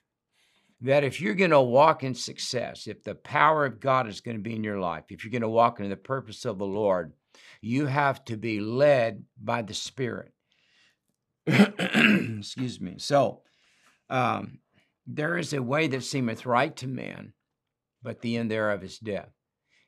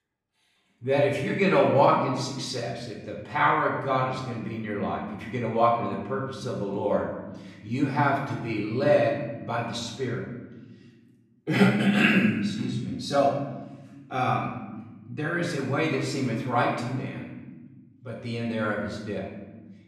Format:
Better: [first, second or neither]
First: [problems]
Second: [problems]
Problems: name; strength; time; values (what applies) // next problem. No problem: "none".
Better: first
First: none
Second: room echo; noticeable; dies away in 1.2 s // off-mic speech; far